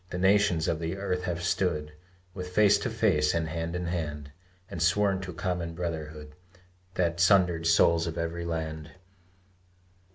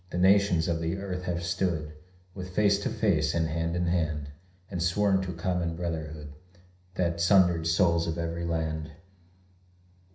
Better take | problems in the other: first | room echo; dies away in 0.5 s

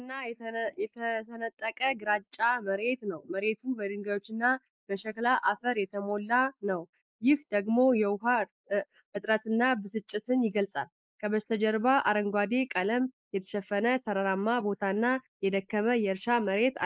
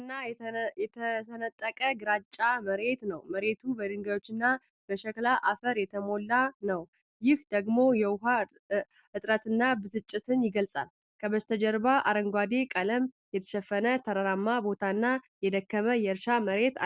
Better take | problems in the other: second | noise reduction (neural mask model Resemble Enhance denoiser)

